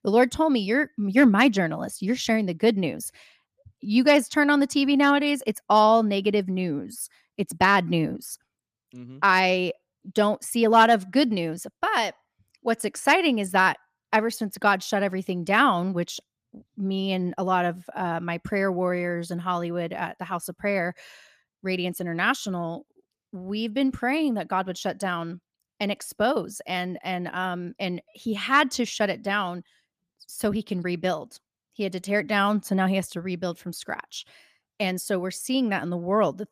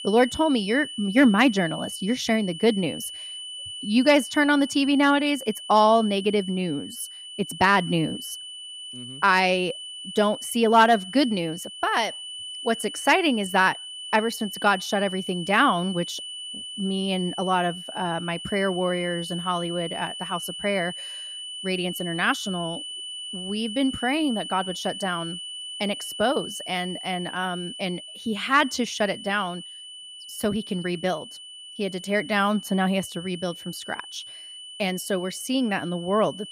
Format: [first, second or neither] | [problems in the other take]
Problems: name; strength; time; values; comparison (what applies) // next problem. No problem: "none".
first | high-pitched whine; noticeable; throughout; 3 kHz, 10 dB below the speech